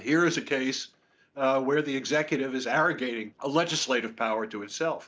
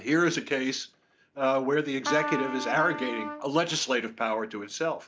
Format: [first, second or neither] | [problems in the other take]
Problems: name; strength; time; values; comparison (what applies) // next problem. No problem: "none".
first | background sound (Trumpet); 7 dB below the speech